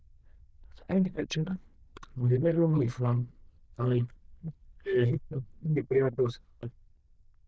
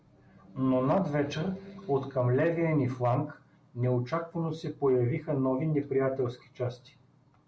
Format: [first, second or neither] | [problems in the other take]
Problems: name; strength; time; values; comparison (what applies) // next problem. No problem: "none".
second | noise reduction (neural diffusion model UNIVERSE++)